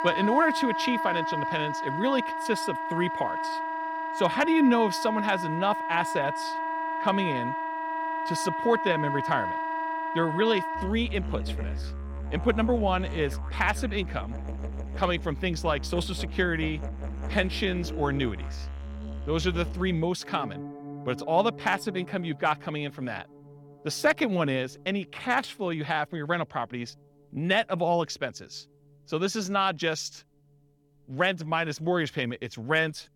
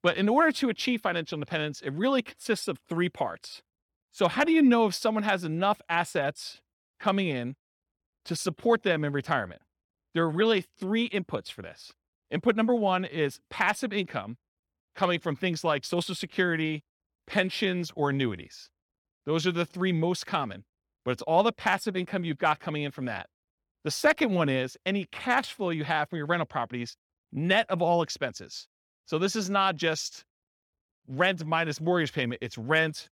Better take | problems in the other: second | background music; loud; throughout; 5 dB below the speech

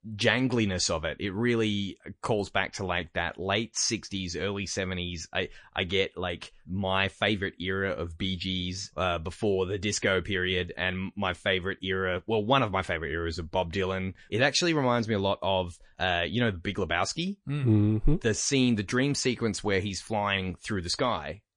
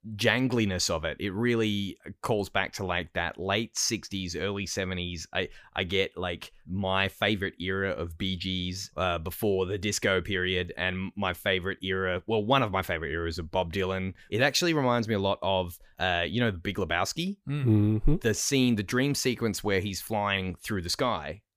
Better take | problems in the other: second | garbled, watery; slightly; nothing above 8.5 kHz

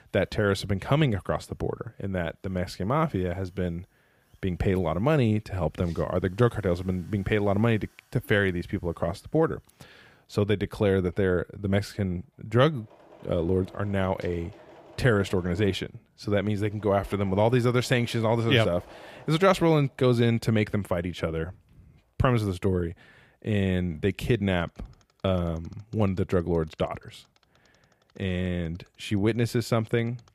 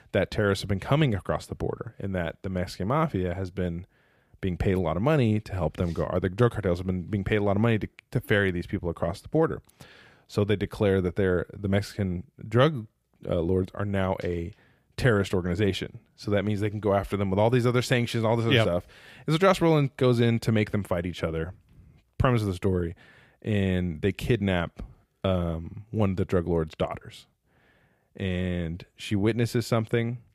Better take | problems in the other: second | machinery noise; faint; throughout; 25 dB below the speech

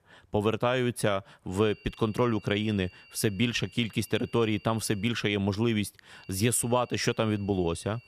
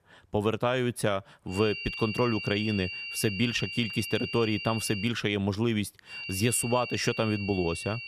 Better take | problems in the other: first | high-pitched whine; loud; from 1.5 to 5 s and from 6 s on; 3 kHz, 7 dB below the speech; faint in the first

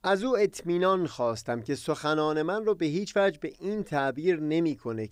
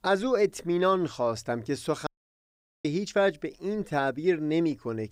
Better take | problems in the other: first | audio cutting out; at 2 s for 1 s

